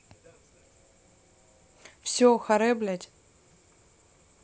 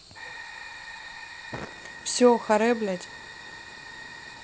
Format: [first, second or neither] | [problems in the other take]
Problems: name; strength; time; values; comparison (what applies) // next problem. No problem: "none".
first | background sound (Fire); 13 dB below the speech